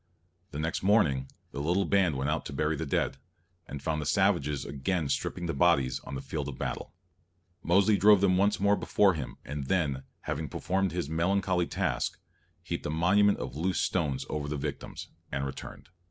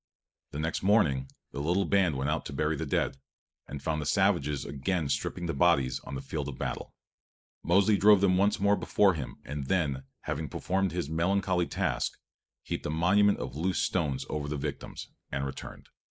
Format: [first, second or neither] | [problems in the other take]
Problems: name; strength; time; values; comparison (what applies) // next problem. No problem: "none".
first | noise reduction (neural mask model Resemble Enhance denoiser)